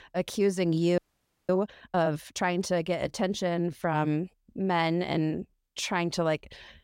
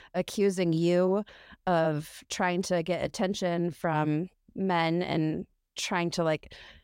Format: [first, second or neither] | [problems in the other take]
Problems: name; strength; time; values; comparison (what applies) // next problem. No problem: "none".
second | audio freezing; at 1 s for 0.5 s